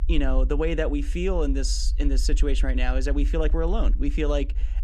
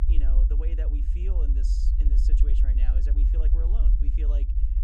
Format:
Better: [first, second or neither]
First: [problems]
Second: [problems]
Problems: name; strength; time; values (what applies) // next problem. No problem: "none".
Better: first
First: low rumble; faint; throughout; 20 dB below the speech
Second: low rumble; loud; throughout; as loud as the speech